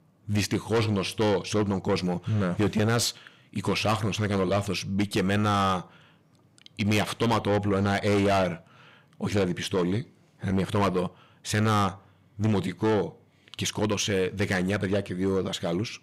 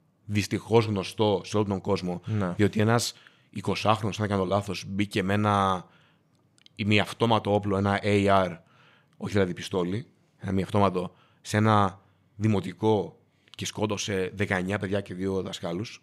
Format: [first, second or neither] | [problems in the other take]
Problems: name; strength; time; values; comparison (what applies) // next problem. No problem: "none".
second | distortion; heavy; 6 dB below the speech